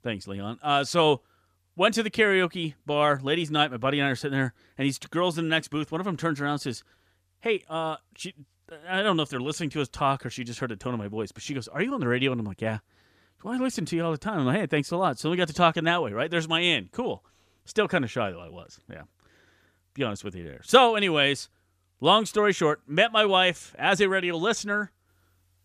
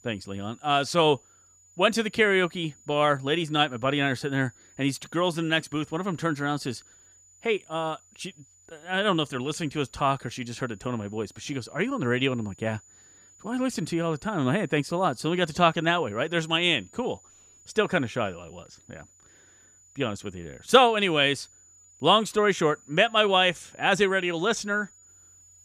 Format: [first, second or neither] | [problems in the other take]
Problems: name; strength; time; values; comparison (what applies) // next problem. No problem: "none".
first | high-pitched whine; faint; throughout; 7 kHz, 30 dB below the speech